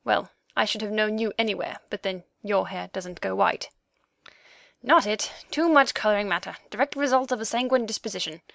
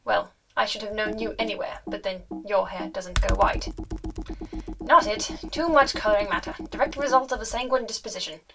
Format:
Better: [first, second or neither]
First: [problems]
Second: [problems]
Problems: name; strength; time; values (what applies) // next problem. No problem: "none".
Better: first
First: none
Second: background sound (Computer keyboard); 8 dB below the speech // room echo; dies away in 0.2 s